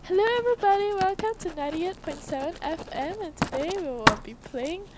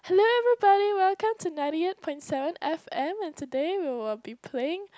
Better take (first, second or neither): second